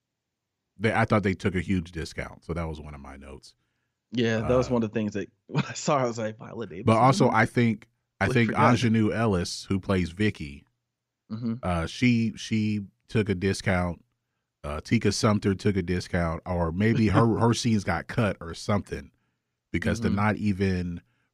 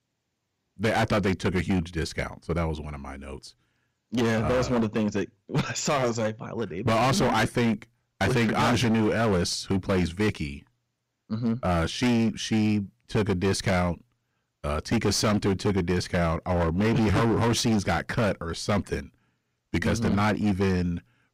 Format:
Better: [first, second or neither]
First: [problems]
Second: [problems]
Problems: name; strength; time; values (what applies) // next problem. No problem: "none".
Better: first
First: none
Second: distortion; heavy; 18% of the sound clipped